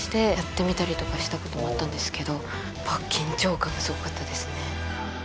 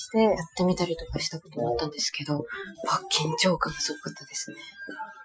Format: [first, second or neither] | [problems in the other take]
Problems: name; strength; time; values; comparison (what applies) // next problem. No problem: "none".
first | noise reduction (classical method Wiener filter)